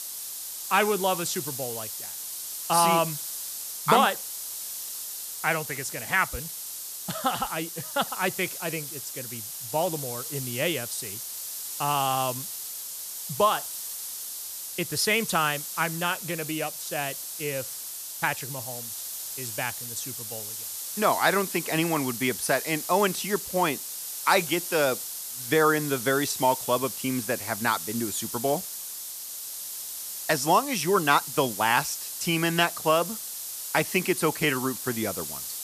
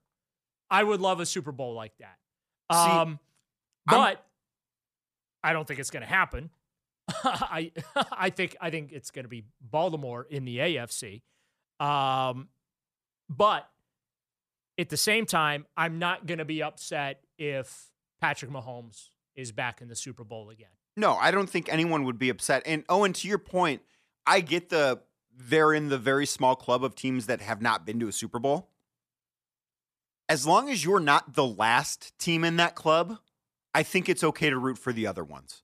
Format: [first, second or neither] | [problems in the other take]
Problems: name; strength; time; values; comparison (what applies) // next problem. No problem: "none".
second | hiss; loud; throughout; 6 dB below the speech